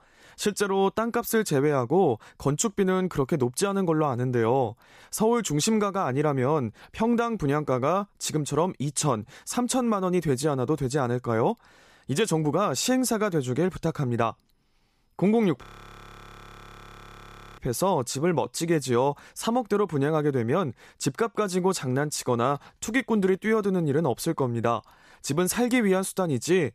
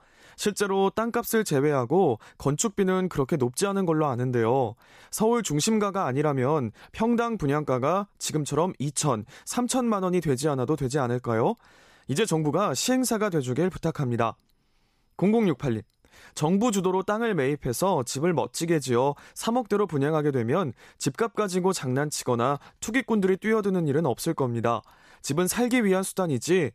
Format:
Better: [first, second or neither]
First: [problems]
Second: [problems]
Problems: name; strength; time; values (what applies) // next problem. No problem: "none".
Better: second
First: audio freezing; at 16 s for 2 s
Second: none